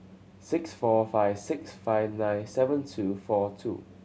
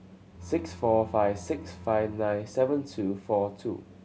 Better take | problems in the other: first | background sound (Bowed string instrument); 17 dB below the speech

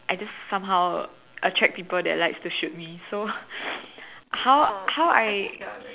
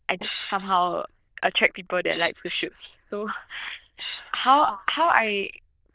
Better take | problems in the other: first | noise reduction (neural diffusion model UNIVERSE++)

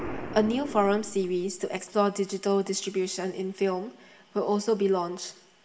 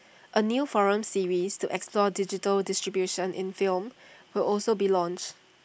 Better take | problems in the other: second | background sound (Explosion); 15 dB below the speech // room echo; dies away in 0.7 s

